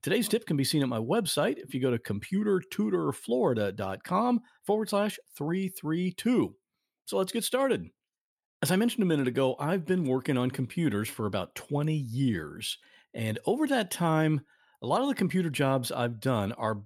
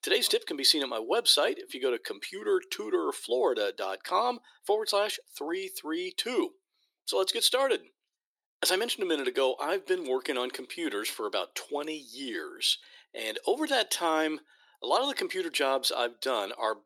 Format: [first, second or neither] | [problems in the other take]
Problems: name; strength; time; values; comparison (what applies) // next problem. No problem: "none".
first | thin; very; fading below 350 Hz